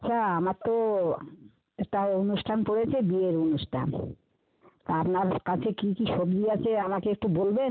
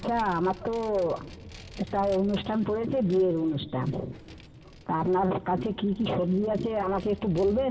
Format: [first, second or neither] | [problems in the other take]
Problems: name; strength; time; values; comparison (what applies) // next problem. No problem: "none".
first | background sound (Vehicle); 18 dB below the speech // room echo; dies away in 2.5 s